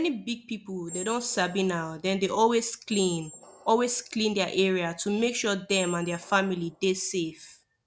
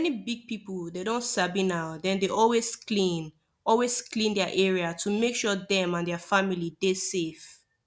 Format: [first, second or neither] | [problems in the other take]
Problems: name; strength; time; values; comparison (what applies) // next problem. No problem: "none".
second | background sound (Squeak); 16 dB below the speech